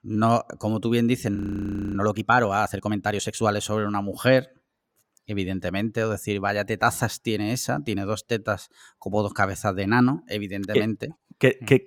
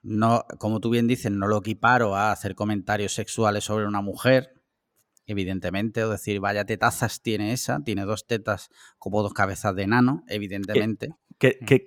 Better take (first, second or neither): second